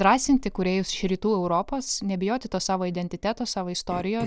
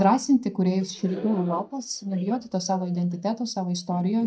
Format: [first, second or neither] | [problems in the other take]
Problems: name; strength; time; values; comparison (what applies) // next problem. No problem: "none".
first | noise reduction (neural mask model DeepFilterNet 3)